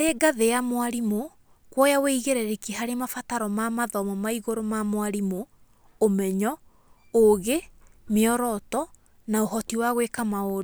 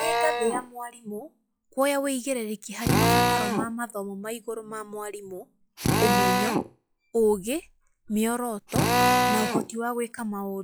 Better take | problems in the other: first | noise reduction (classical method log-MMSE)

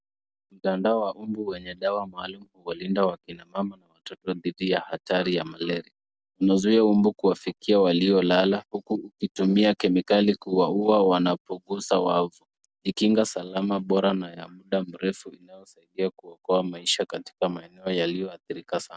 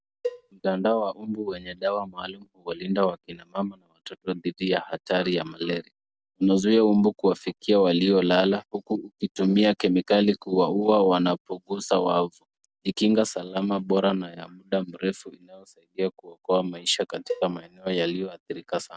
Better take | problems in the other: first | background sound (Cowbell); 13 dB below the speech

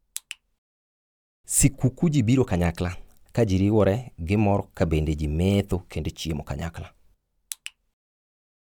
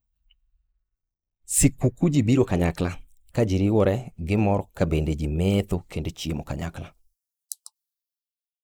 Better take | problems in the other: first | noise reduction (neural mask model Resemble Enhance denoiser)

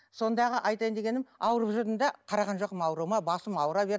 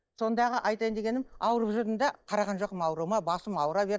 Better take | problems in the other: first | noise reduction (neural mask model DeepFilterNet 3)

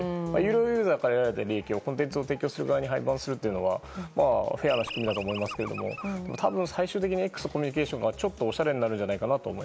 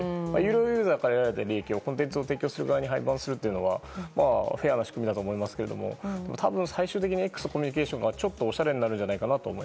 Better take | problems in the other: second | background sound (Animal); 12 dB below the speech

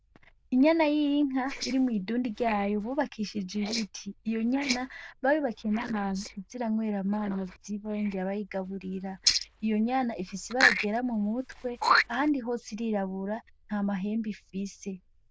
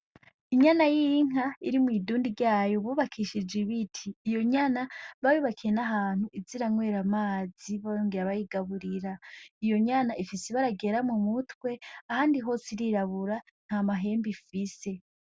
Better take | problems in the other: second | noise reduction (neural diffusion model UNIVERSE++)

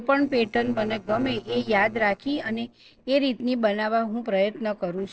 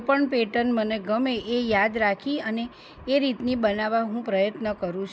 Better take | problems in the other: second | noise reduction (neural separator model SepFormer DNS4)

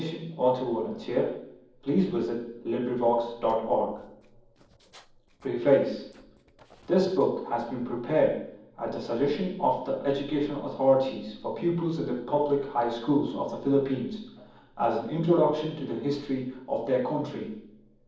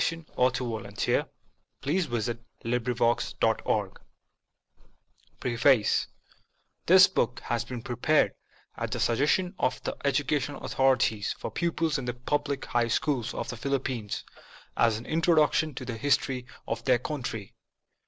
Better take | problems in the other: second | noise reduction (neural separator model SepFormer DNS4)

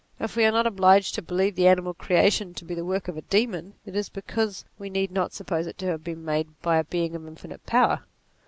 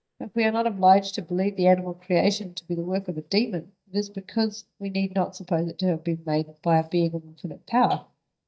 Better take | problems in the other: first | noise reduction (neural mask model DeepFilterNet 3)

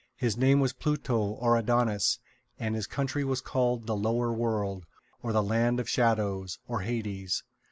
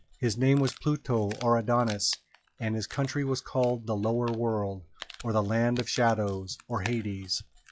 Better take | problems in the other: first | noise reduction (classical method log-MMSE)

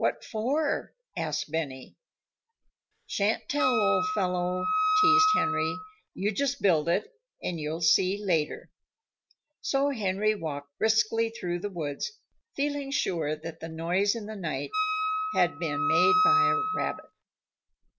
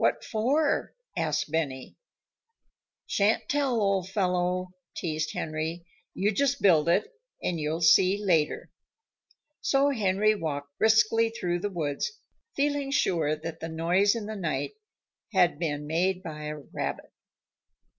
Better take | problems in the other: second | background sound (Wind instrument, woodwind instrument); 2 dB above the speech

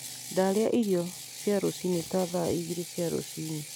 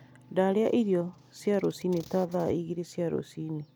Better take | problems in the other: second | background sound (Ratchet, pawl); 13 dB below the speech

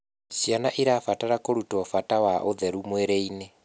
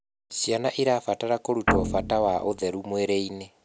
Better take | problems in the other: first | background sound (Guitar); 1 dB below the speech

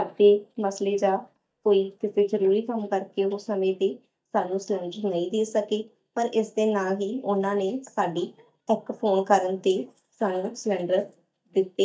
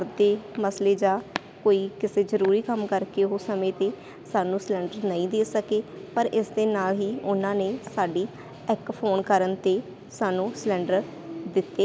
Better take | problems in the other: second | noise reduction (neural mask model DeepFilterNet 3)

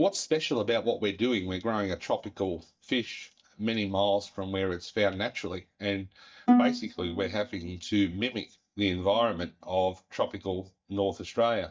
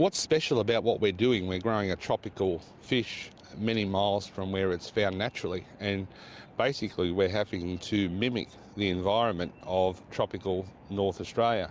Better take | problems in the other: second | noise reduction (neural mask model DeepFilterNet 3)

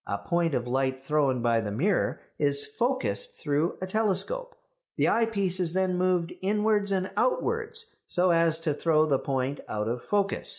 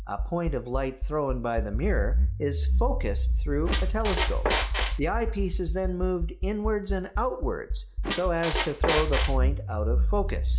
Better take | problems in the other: first | background sound (Accelerating, revving, vroom + Squeak); 3 dB above the speech

